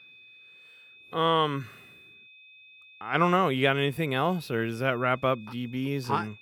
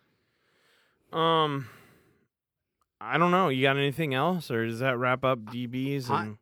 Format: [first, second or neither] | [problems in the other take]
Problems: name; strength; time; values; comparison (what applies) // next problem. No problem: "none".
second | high-pitched whine; faint; throughout; 2.5 kHz, 25 dB below the speech